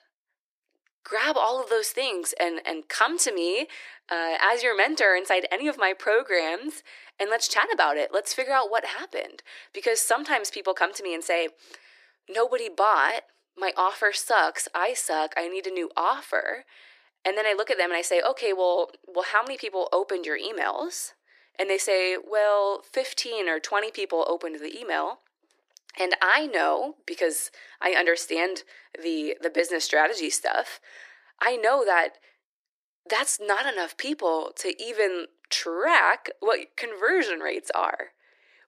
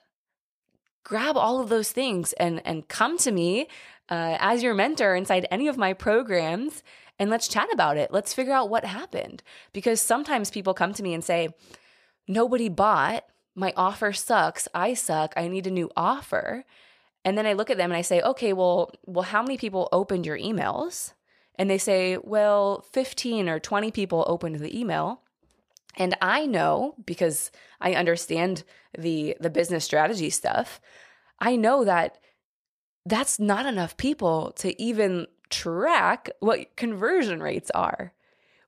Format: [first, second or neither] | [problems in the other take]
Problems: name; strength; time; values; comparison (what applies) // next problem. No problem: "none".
second | thin; very; fading below 300 Hz